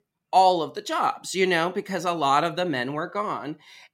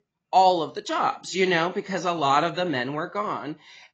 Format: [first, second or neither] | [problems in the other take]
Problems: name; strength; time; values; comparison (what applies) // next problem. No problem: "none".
first | garbled, watery; badly; nothing above 7.5 kHz